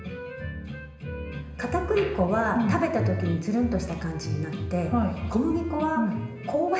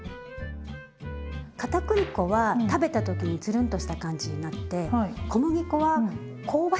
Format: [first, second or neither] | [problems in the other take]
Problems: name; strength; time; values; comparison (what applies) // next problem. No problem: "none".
second | room echo; dies away in 0.9 s